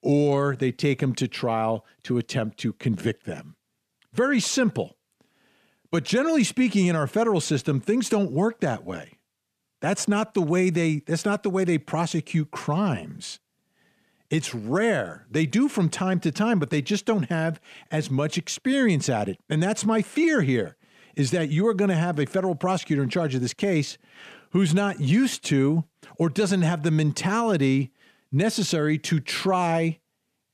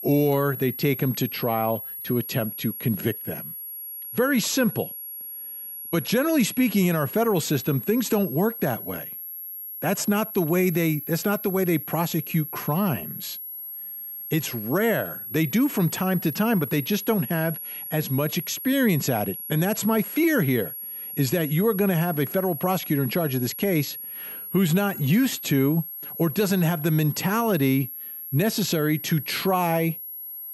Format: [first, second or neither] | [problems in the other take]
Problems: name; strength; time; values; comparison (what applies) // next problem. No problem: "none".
first | high-pitched whine; loud; throughout; 11.5 kHz, 9 dB below the speech